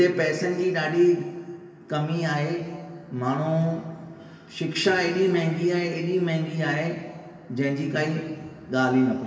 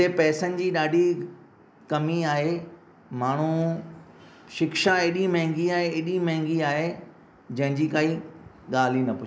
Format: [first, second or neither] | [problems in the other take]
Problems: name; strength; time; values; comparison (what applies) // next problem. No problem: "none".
second | room echo; dies away in 2 s